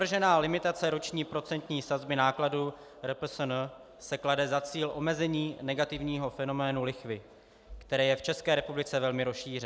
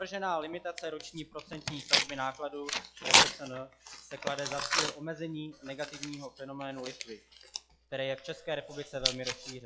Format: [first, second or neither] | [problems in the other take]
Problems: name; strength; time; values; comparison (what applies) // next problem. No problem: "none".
first | noise reduction (classical method log-MMSE)